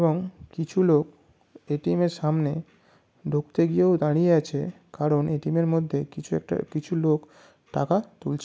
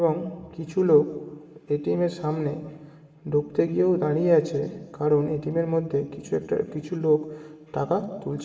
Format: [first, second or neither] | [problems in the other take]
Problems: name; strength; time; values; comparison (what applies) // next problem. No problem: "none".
first | room echo; dies away in 1.9 s